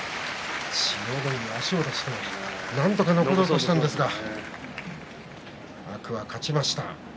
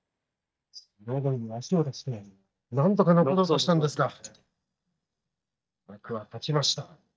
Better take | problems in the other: first | noise reduction (neural mask model DeepFilterNet 3)

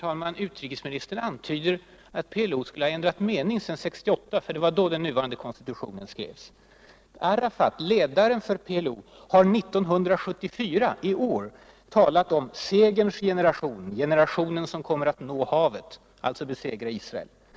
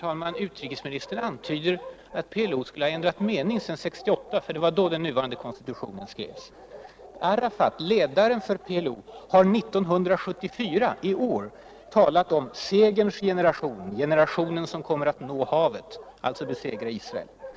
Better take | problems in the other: first | background sound (Bark); 18 dB below the speech

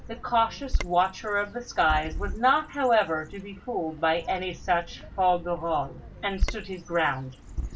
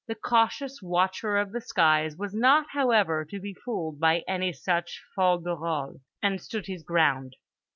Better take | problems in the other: second | background sound (Bird vocalization, bird call, bird song); 7 dB below the speech // room echo; dies away in 0.2 s

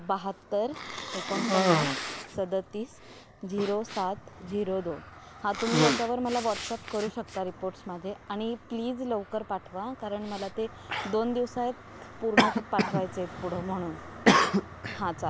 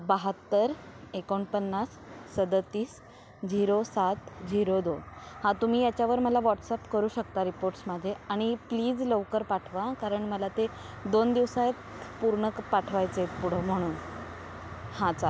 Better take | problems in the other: second | background sound (Cough); as loud as the speech

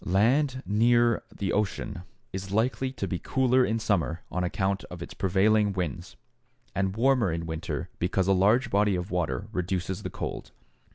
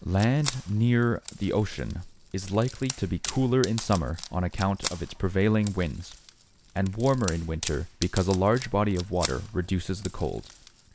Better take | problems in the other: first | background sound (Wood); 14 dB below the speech

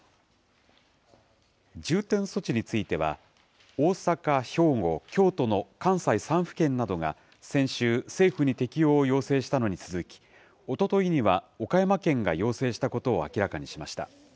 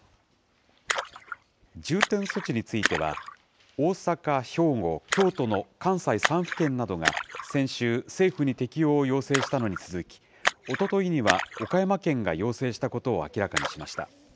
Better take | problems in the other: first | background sound (Splash, splatter); 7 dB below the speech

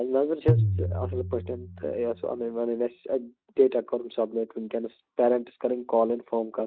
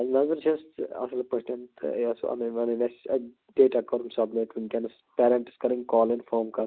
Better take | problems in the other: second | noise reduction (neural mask model RNNoise)

